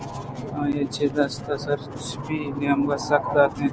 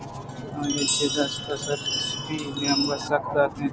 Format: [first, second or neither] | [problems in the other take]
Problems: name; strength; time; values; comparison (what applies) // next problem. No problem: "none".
first | background sound (Chime); 2 dB below the speech